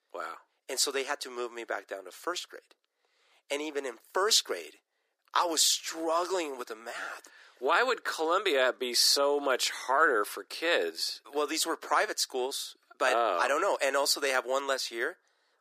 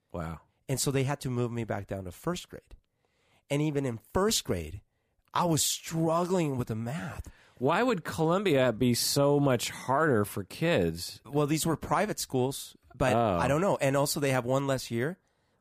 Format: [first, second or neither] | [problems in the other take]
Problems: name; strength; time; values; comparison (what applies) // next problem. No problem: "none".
second | thin; very; fading below 350 Hz